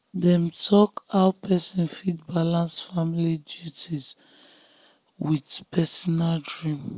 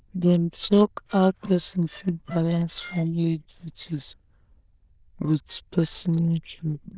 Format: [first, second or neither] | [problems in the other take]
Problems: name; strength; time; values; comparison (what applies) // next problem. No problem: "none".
first | noise reduction (neural diffusion model UNIVERSE++)